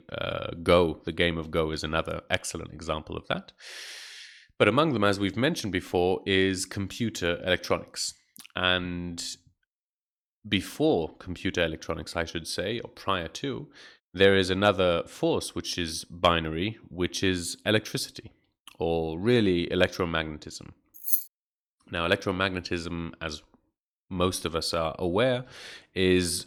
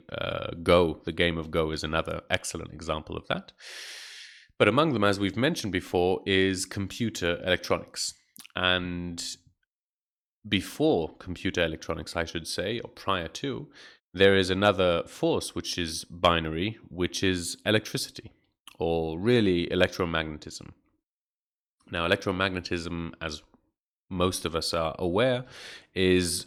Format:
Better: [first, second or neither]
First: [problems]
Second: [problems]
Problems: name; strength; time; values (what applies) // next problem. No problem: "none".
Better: second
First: jangling keys; loud; at 21 s; peak 3 dB above the speech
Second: none